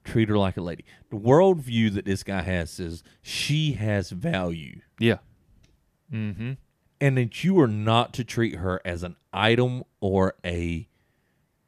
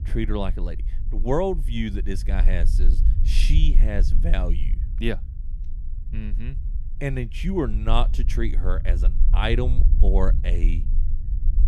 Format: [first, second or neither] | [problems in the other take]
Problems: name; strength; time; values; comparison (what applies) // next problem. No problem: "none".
first | low rumble; noticeable; throughout; 15 dB below the speech